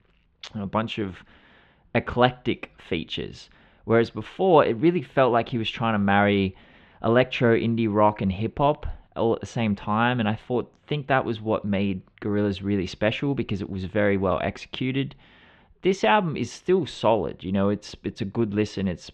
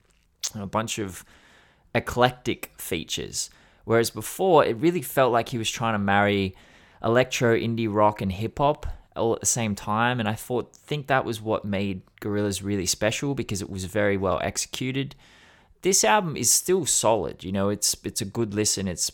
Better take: second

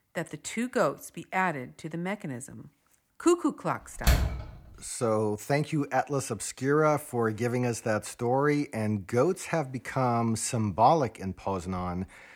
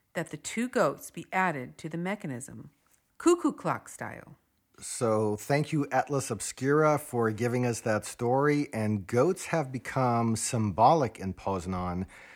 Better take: second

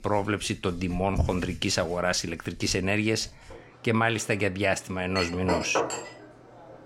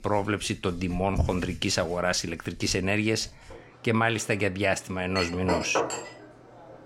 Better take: neither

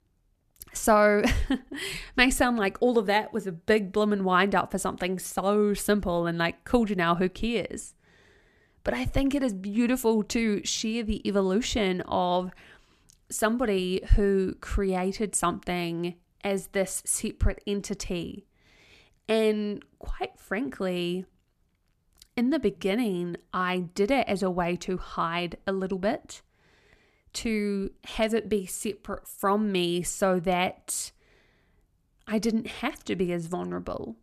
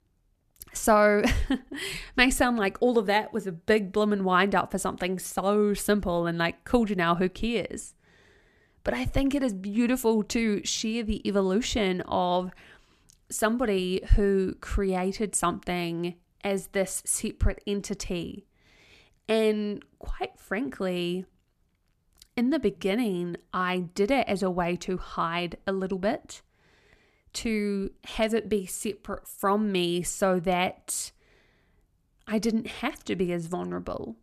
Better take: neither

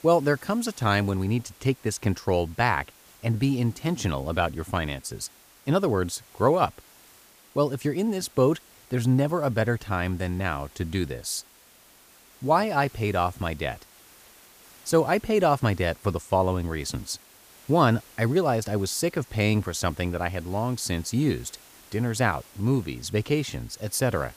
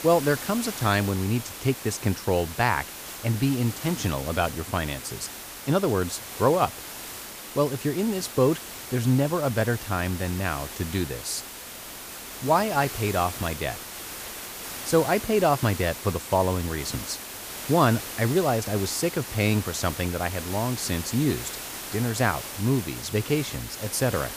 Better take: first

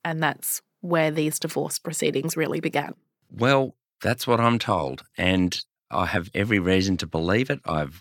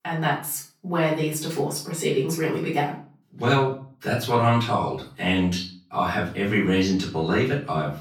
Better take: first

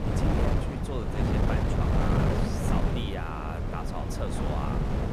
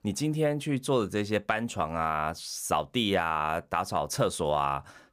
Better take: second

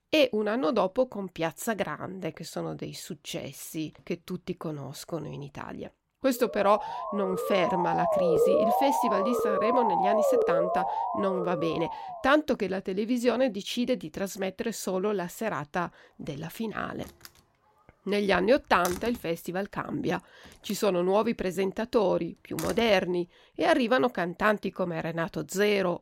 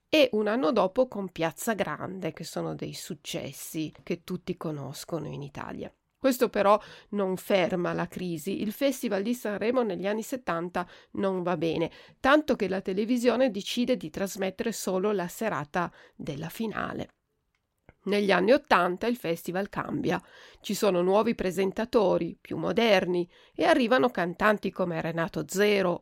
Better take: second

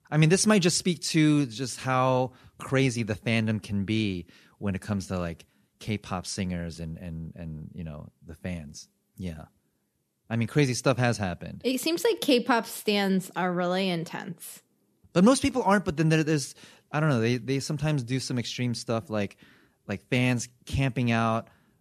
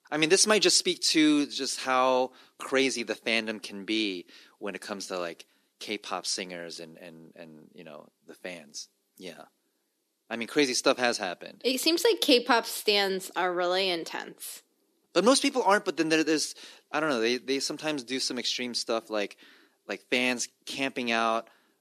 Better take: first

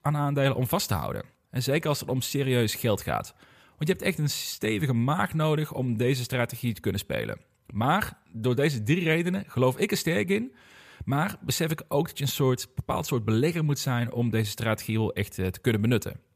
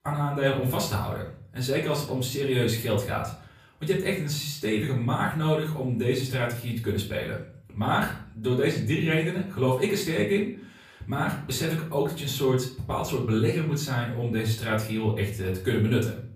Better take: first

